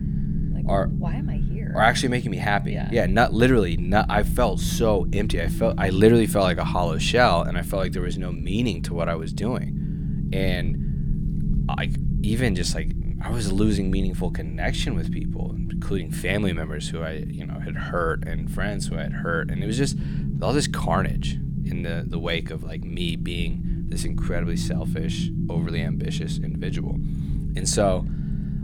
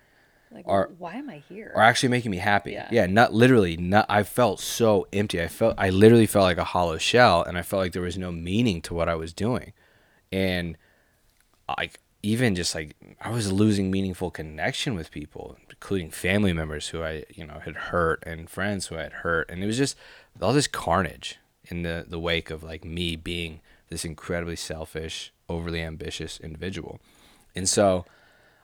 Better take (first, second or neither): second